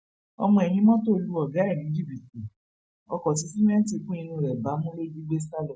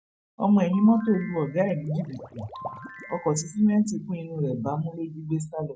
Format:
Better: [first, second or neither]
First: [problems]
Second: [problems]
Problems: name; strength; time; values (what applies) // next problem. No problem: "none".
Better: first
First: none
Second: background sound (Liquid + Ringtone / Chime); 17 dB below the speech